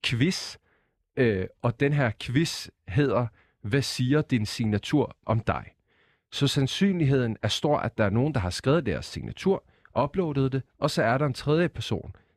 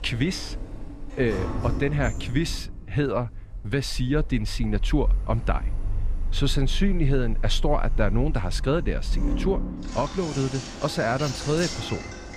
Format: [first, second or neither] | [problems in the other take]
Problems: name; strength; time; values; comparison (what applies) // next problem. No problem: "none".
first | household noises; loud; throughout; 5 dB below the speech